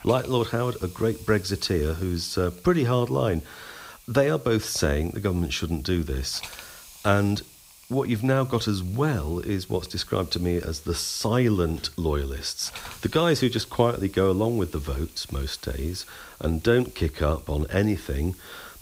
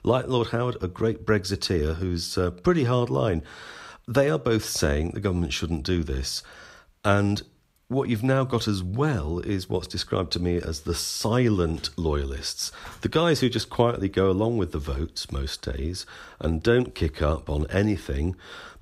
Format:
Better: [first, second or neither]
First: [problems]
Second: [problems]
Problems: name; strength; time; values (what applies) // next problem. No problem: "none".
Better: second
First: hiss; faint; throughout; 20 dB below the speech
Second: none